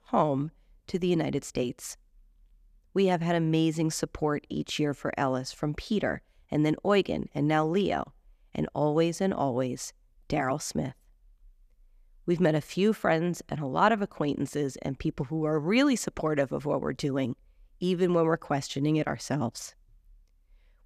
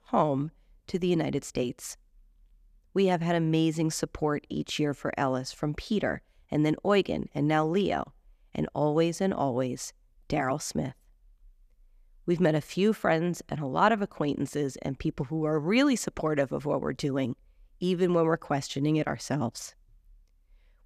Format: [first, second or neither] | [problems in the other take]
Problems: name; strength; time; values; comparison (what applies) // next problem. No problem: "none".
neither | none